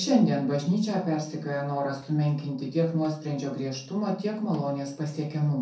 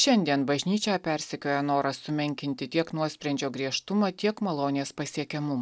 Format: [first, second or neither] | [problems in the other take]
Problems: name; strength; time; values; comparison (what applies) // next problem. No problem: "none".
second | noise reduction (neural separator model SepFormer DNS4)